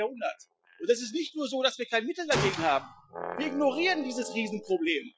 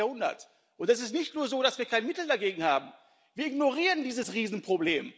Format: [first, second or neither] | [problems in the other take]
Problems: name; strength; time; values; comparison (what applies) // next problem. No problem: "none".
second | noise reduction (classical method Wiener filter)